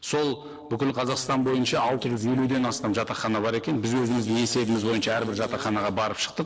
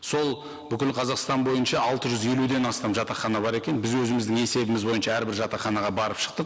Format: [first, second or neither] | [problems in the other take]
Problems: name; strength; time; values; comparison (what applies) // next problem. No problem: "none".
second | noise reduction (neural separator model SepFormer DNS4)